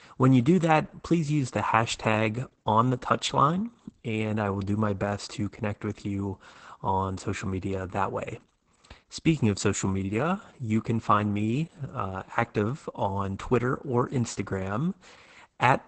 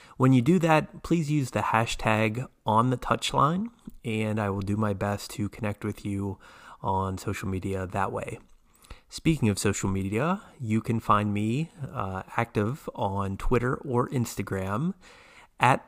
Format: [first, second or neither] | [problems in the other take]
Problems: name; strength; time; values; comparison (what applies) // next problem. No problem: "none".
second | garbled, watery; badly; nothing above 8 kHz